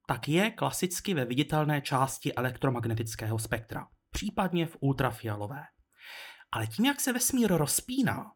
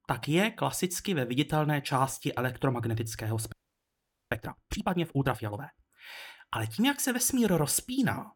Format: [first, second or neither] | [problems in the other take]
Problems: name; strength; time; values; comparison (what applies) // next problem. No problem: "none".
first | audio freezing; at 3.5 s for 1 s